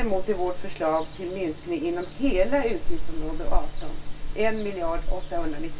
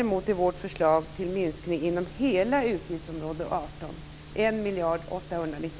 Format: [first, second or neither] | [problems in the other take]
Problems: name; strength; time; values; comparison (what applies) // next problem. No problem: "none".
second | background sound (Ocean); 4 dB above the speech // room echo; dies away in 0.2 s